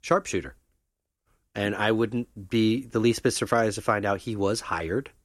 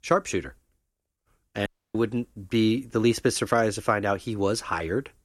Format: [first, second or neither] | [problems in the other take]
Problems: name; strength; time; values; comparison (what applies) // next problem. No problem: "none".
first | audio cutting out; at 1.5 s